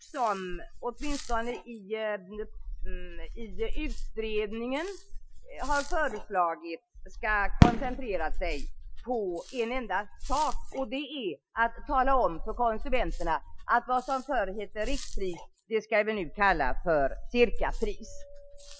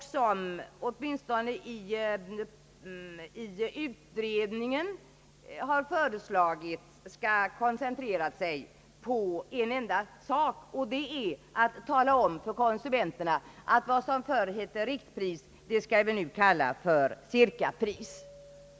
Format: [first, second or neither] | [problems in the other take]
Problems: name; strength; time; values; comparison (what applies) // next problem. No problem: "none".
second | noise reduction (classical method Wiener filter)